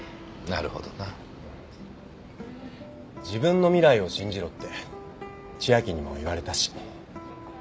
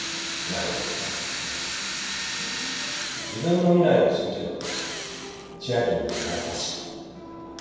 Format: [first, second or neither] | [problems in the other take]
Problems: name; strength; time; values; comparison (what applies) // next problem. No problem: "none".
first | background sound (Drill); 6 dB below the speech // room echo; dies away in 1.2 s